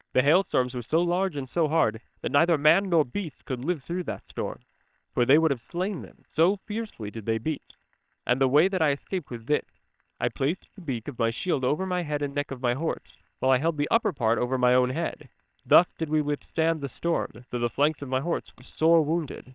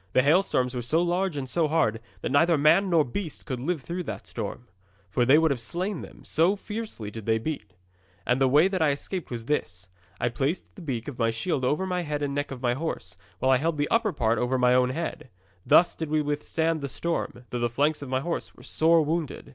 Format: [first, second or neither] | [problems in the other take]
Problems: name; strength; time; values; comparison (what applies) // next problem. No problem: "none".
second | noise reduction (neural separator model SepFormer WHAM!)